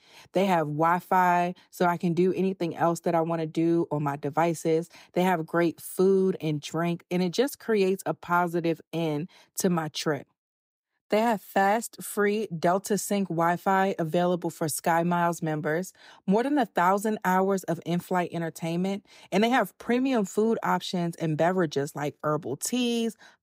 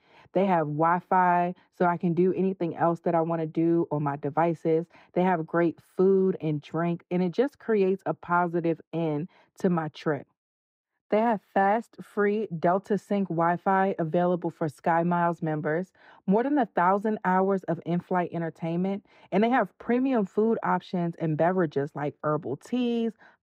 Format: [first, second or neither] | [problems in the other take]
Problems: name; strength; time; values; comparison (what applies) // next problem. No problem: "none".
first | muffled; very; fading above 4 kHz